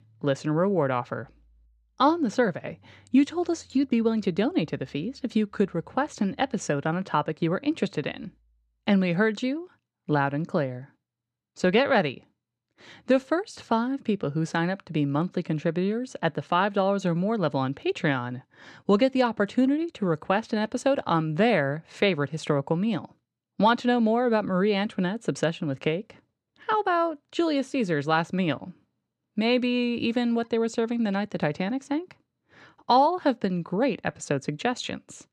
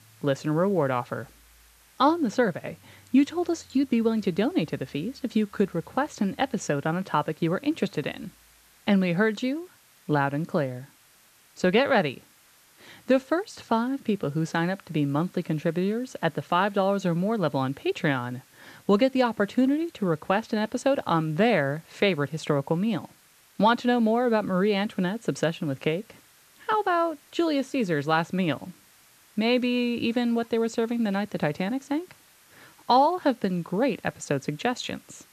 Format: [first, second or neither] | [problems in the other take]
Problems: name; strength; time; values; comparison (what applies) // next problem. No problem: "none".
first | hiss; faint; throughout; 30 dB below the speech